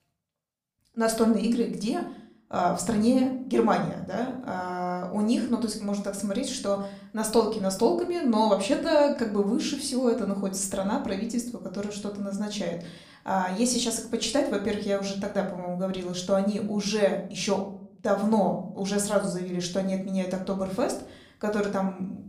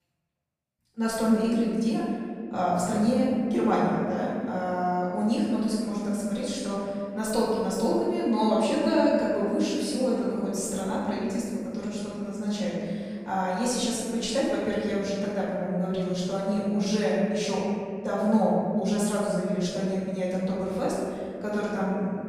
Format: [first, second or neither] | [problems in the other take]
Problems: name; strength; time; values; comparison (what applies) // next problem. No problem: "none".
first | room echo; strong; dies away in 2.1 s; slight in the first // off-mic speech; far; somewhat distant in the first